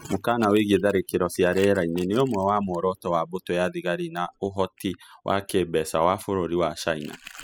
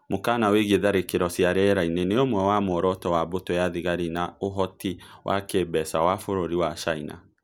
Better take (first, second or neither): second